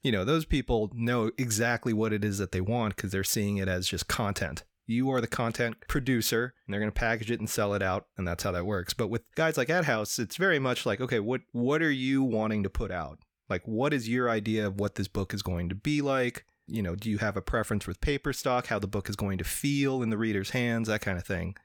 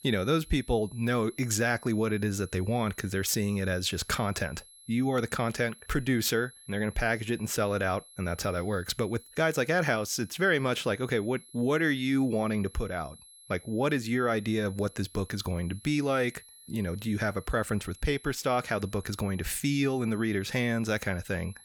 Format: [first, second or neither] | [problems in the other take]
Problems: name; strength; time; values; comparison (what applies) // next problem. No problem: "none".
first | high-pitched whine; faint; throughout; 11 kHz, 20 dB below the speech